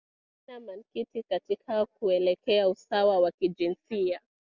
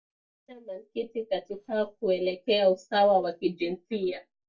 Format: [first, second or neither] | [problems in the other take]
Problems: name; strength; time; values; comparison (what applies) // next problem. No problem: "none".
first | noise reduction (neural mask model DeepFilterNet 3)